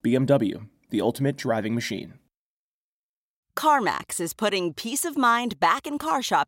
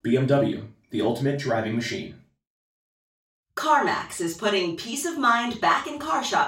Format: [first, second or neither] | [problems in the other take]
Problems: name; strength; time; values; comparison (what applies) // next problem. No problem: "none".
first | room echo; noticeable; dies away in 0.3 s // off-mic speech; far